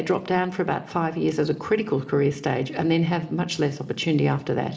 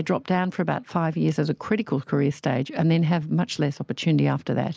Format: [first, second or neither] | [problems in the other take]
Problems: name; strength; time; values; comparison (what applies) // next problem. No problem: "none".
second | room echo; dies away in 2.6 s